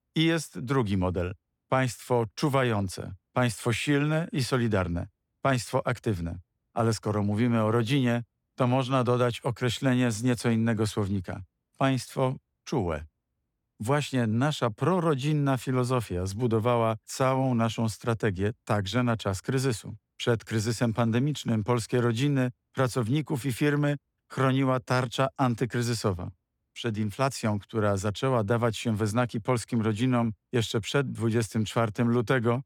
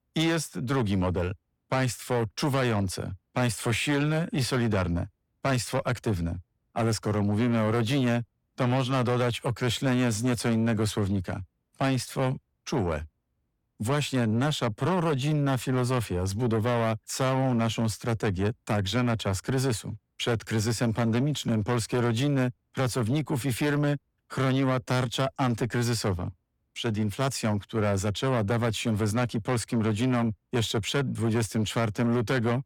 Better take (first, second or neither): first